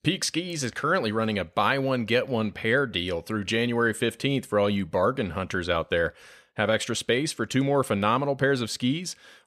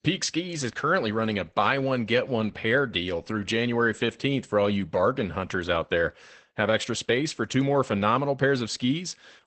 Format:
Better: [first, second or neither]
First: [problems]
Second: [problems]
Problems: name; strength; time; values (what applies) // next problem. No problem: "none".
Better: first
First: none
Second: garbled, watery; badly; nothing above 8 kHz